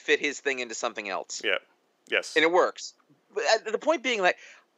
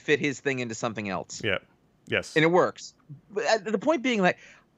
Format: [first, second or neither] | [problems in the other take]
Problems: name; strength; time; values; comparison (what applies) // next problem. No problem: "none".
second | thin; somewhat; fading below 350 Hz